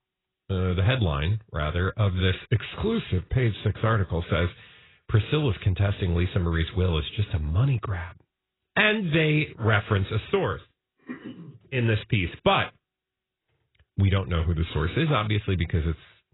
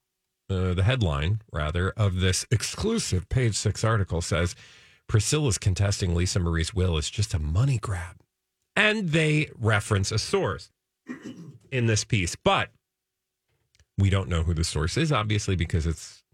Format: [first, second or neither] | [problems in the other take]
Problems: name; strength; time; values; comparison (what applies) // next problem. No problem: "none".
second | garbled, watery; badly; nothing above 4 kHz